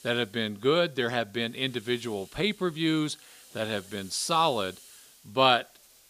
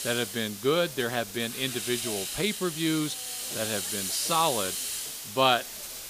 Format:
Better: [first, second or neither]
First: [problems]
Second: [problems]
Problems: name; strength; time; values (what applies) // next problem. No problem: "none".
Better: first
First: hiss; faint; throughout; 25 dB below the speech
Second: hiss; loud; throughout; 4 dB below the speech